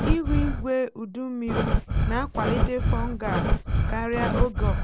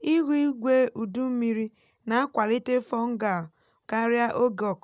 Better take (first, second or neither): second